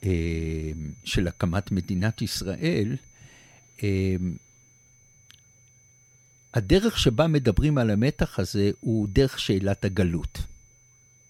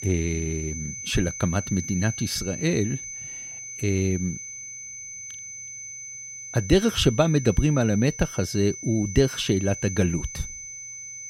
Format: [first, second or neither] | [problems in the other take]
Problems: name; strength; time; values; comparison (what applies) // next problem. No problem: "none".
first | high-pitched whine; loud; throughout; 6 kHz, 10 dB below the speech; faint in the first